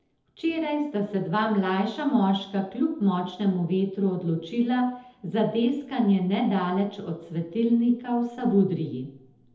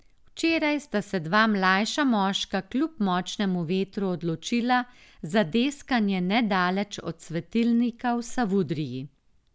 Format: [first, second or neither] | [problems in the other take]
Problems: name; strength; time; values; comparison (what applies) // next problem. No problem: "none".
second | room echo; dies away in 0.7 s